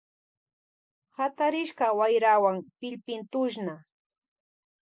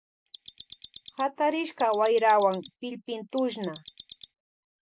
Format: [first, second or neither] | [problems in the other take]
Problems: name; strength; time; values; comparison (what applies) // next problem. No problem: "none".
first | background sound (Mechanisms); 20 dB below the speech